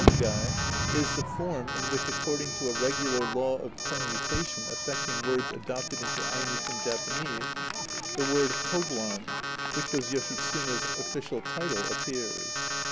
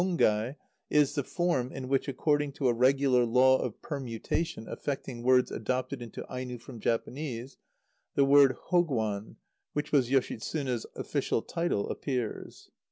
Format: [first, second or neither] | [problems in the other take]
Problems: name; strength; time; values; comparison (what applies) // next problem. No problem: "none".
second | background sound (Alarm + Crowd / Fireworks); 2 dB above the speech